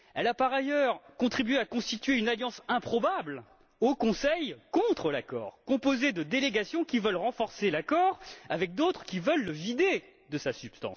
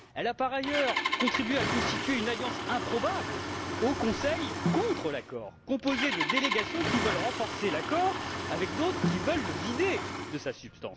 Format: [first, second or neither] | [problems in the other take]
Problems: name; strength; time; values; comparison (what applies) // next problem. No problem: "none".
first | background sound (Snare drum + Engine starting); 1 dB below the speech